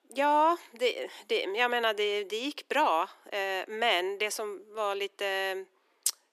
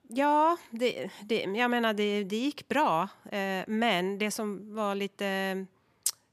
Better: second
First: thin; somewhat; fading below 300 Hz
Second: none

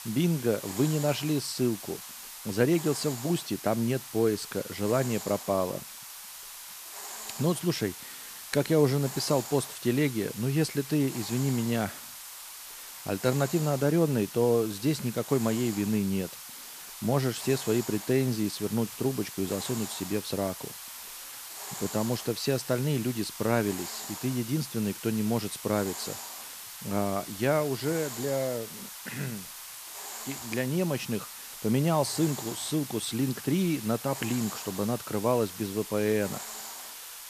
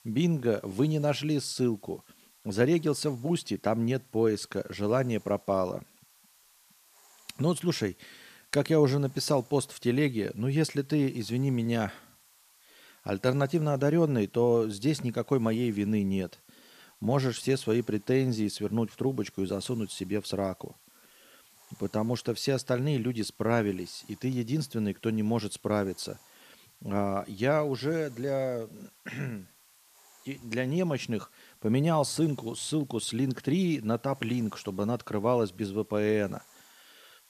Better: second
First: hiss; loud; throughout; 10 dB below the speech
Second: hiss; faint; throughout; 30 dB below the speech

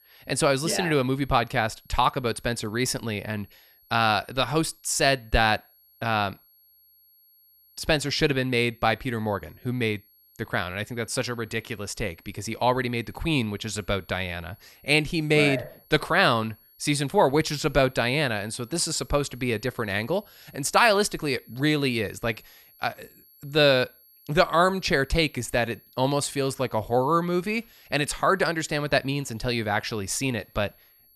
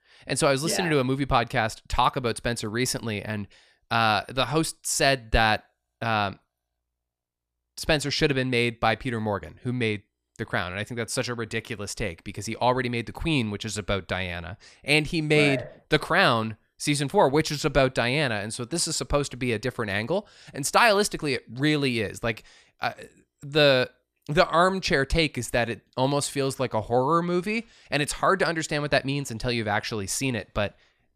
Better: second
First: high-pitched whine; faint; throughout; 11.5 kHz, 30 dB below the speech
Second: none

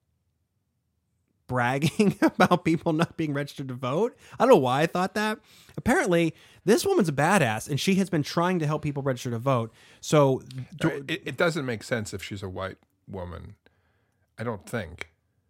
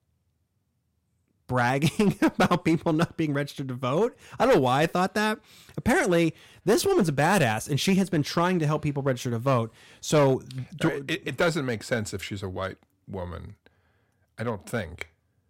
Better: first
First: none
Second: distortion; slight; 4% of the sound clipped

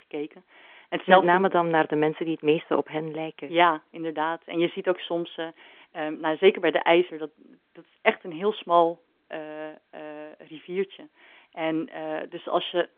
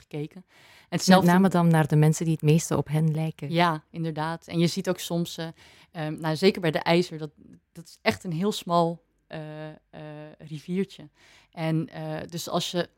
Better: second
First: phone-call audio; nothing above 3.5 kHz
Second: none

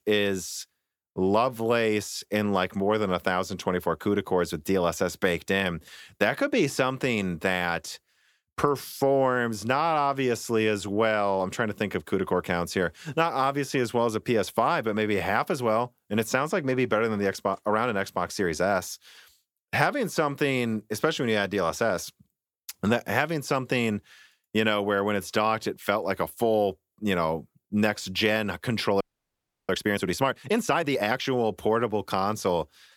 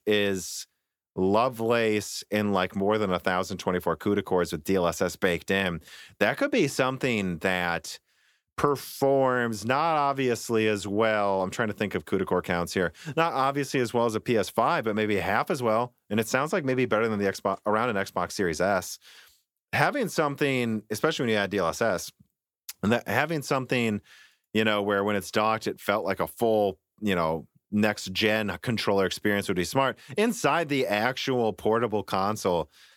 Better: second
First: audio freezing; at 29 s for 0.5 s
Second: none

